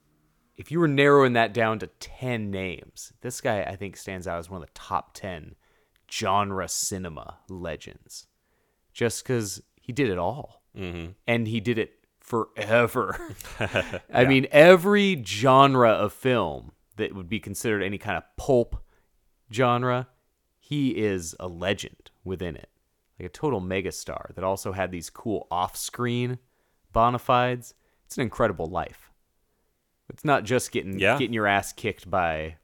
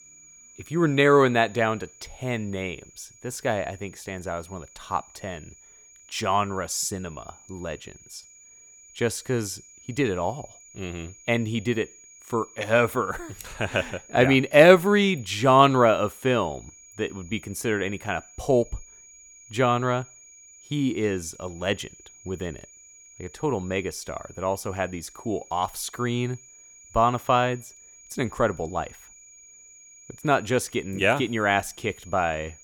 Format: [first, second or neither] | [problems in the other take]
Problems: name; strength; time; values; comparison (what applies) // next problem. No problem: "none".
first | high-pitched whine; faint; throughout; 6.5 kHz, 25 dB below the speech